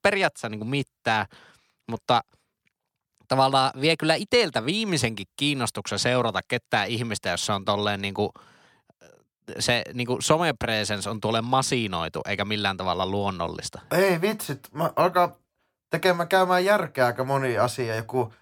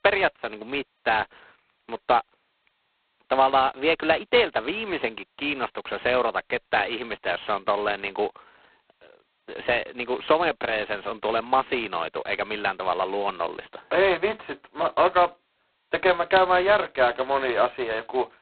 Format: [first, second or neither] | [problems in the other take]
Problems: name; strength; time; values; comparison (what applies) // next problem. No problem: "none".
first | phone-call audio; poor line; nothing above 4 kHz